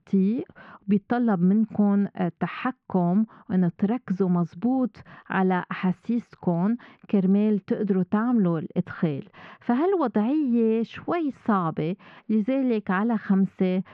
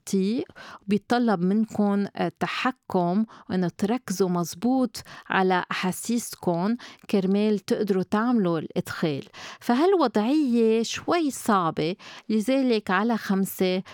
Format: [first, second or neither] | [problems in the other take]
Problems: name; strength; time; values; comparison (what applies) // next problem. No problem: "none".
second | muffled; very; fading above 2.5 kHz